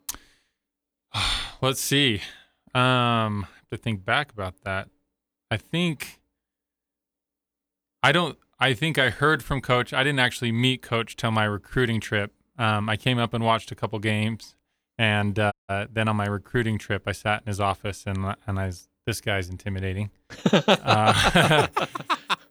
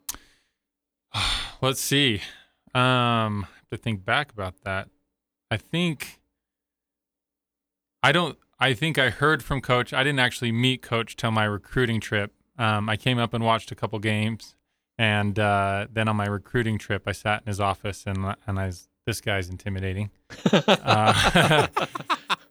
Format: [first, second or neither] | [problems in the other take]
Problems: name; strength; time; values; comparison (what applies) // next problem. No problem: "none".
second | audio cutting out; at 16 s